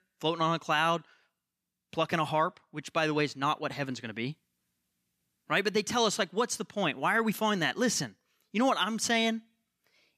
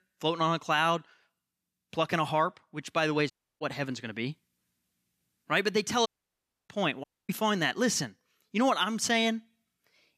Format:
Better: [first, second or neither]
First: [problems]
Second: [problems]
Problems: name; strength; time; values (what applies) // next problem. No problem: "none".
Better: first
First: none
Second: audio cutting out; at 3.5 s, at 6 s for 0.5 s and at 7 s